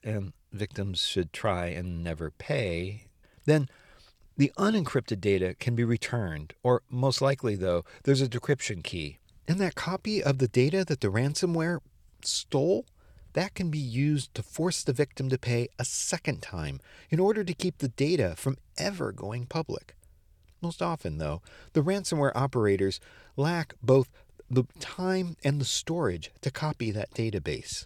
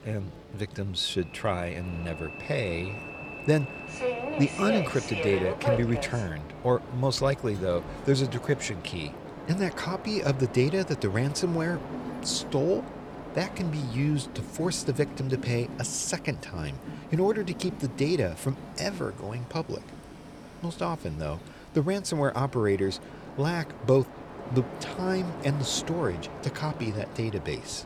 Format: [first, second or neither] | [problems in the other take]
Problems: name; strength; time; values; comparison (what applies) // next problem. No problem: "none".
first | train or aircraft noise; loud; throughout; 9 dB below the speech